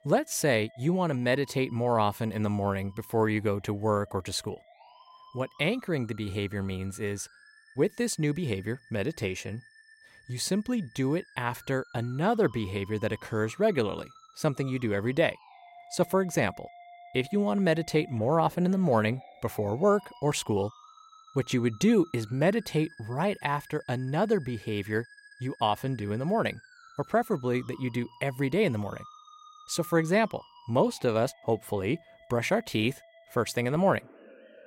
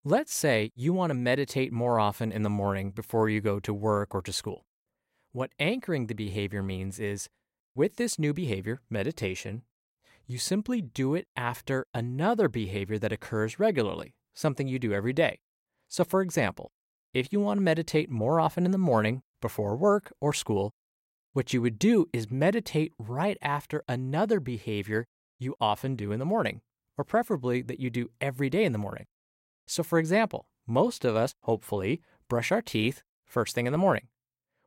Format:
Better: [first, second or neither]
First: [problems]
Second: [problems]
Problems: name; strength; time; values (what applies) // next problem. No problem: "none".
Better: second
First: background music; faint; throughout; 25 dB below the speech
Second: none